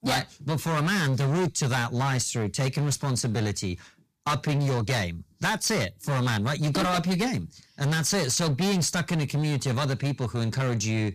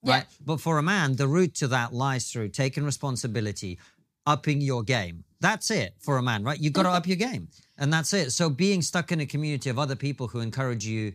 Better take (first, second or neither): second